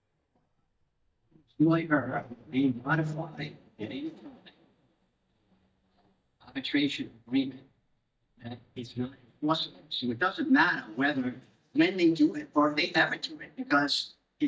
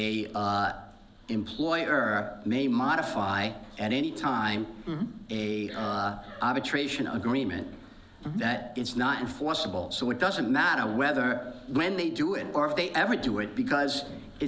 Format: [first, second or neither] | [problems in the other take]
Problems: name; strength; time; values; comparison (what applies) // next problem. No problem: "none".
second | noise reduction (neural mask model DeepFilterNet 3)